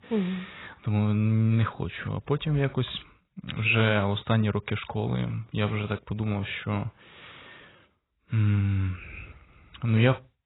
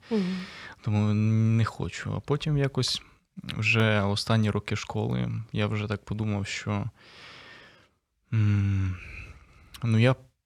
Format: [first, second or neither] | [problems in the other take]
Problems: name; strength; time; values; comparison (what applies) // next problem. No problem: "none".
second | garbled, watery; badly; nothing above 4 kHz